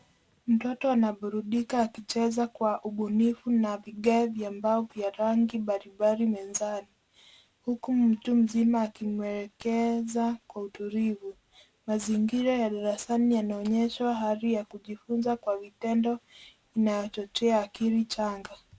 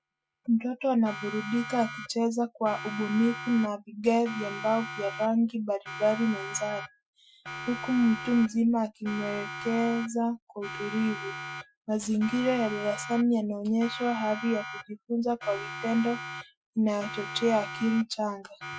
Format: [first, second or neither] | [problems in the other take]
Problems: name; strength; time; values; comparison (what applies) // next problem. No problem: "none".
first | noise reduction (classical method Wiener filter)